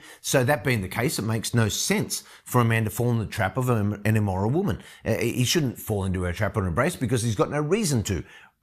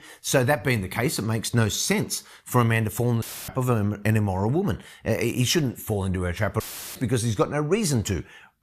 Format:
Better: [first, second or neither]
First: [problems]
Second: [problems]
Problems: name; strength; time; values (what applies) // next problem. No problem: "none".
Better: first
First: none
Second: audio cutting out; filled with static; at 3 s and at 6.5 s